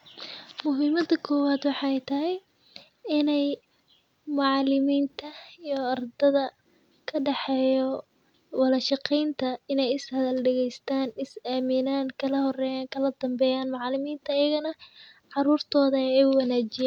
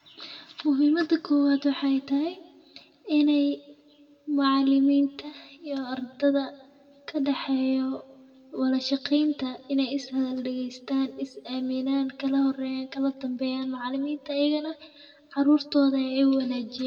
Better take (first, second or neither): first